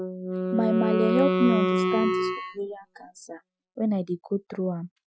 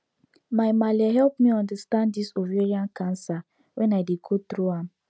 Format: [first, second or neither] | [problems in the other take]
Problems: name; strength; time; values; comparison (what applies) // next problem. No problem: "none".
second | noise reduction (classical method Wiener filter)